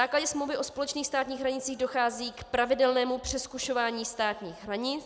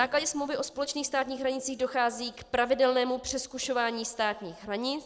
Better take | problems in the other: first | noise reduction (neural separator model SepFormer DNS4)

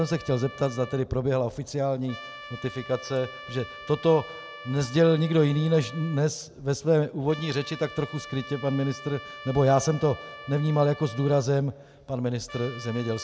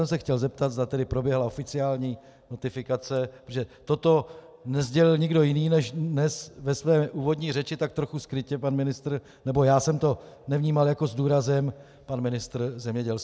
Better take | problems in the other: second | background sound (Trumpet); 17 dB below the speech

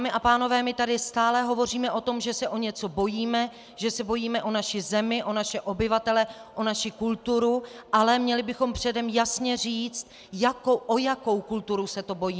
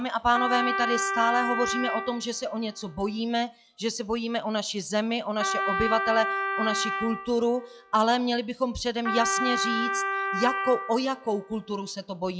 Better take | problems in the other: first | noise reduction (classical method log-MMSE)

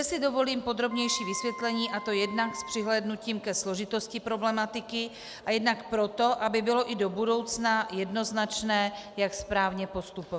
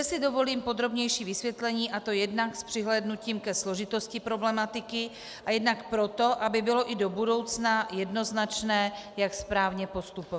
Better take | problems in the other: second | background sound (Wind instrument, woodwind instrument); 11 dB below the speech

